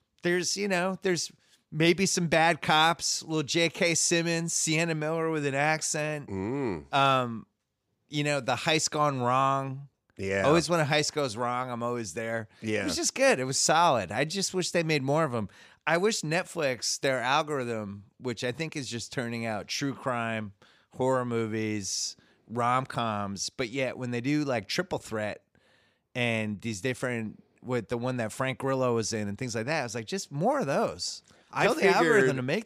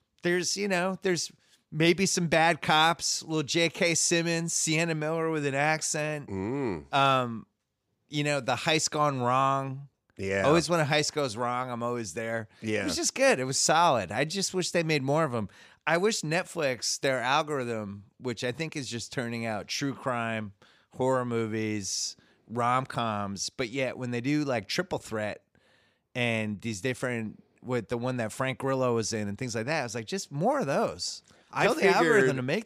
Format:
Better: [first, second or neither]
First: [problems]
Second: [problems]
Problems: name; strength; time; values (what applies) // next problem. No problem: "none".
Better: neither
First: none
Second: none